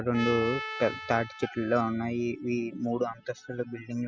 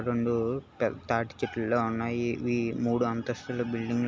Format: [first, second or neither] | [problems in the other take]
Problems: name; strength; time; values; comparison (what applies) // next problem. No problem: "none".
second | noise reduction (classical method spectral subtraction)